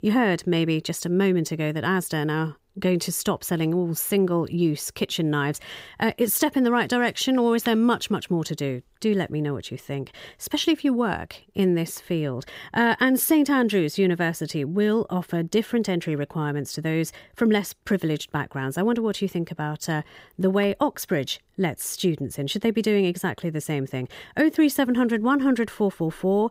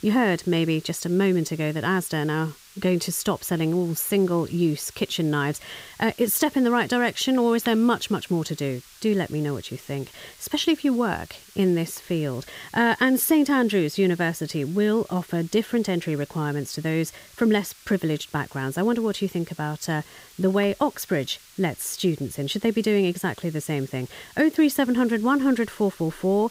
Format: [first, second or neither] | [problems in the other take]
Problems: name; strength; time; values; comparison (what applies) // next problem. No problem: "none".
first | hiss; faint; throughout; 25 dB below the speech